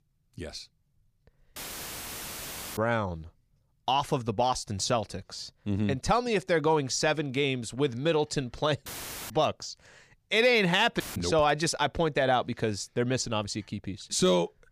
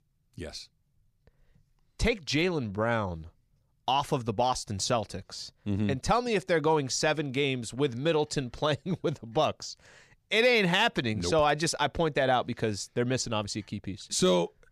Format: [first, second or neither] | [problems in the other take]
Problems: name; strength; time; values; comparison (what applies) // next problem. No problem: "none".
second | audio cutting out; filled with static; at 1.5 s for 1 s, at 9 s and at 11 s